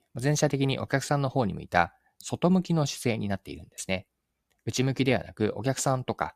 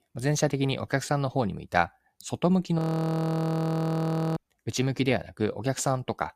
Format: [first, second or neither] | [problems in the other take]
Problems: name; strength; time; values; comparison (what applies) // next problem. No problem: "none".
first | audio freezing; at 3 s for 1.5 s